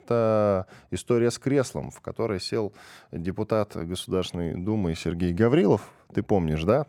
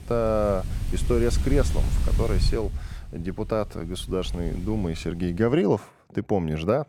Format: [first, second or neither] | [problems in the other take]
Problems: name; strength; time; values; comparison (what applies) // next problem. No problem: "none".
first | wind noise on the microphone; occasional gusts; until 5.5 s; 15 dB below the speech